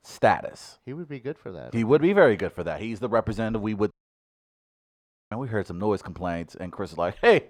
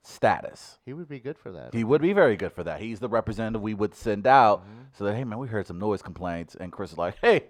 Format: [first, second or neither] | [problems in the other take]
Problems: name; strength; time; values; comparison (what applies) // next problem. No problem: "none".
second | audio cutting out; at 4 s for 1.5 s